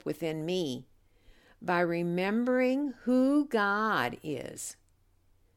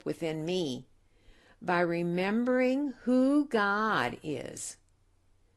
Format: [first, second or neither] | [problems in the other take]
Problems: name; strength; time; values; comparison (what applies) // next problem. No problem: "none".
first | garbled, watery; slightly; nothing above 11.5 kHz